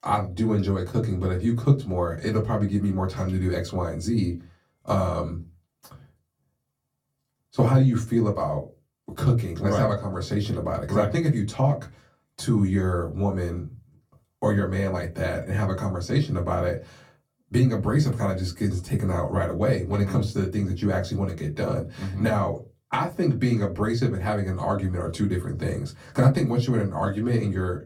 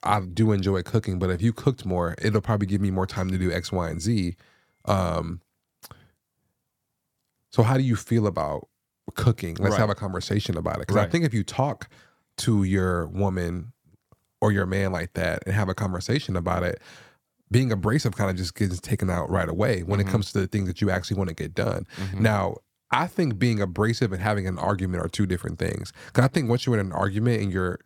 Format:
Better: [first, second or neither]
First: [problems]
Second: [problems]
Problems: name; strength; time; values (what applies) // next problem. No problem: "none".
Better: second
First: off-mic speech; far // room echo; very slight; dies away in 0.2 s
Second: none